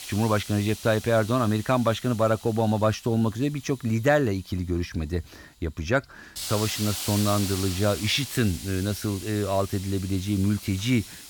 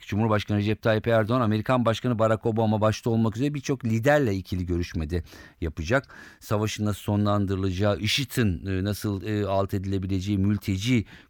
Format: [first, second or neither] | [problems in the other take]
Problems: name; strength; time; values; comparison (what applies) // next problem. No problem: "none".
second | hiss; loud; throughout; 10 dB below the speech